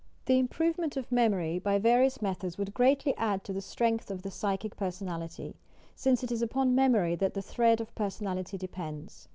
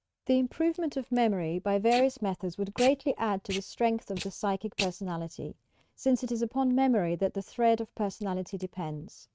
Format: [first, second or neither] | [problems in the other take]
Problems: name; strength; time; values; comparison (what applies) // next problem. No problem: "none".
first | noise reduction (neural mask model RNNoise)